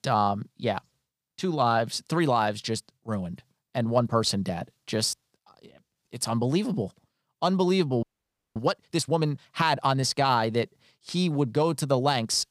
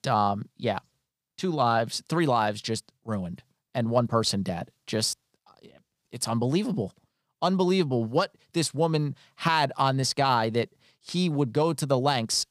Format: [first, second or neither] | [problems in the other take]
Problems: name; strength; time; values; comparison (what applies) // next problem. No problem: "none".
second | audio freezing; at 8 s for 0.5 s